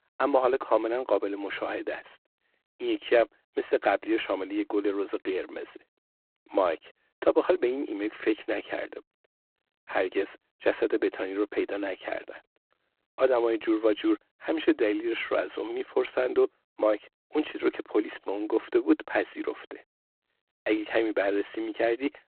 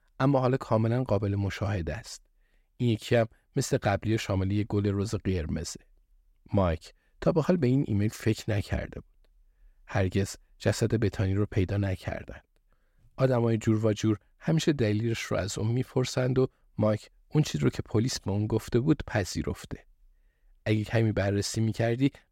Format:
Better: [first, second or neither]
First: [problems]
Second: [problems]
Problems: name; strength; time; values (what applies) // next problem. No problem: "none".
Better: second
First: phone-call audio; poor line; nothing above 4 kHz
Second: none